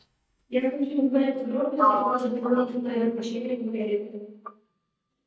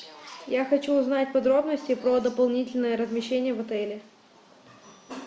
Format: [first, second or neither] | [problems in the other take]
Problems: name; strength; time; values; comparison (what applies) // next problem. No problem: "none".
second | noise reduction (neural mask model DeepFilterNet 3)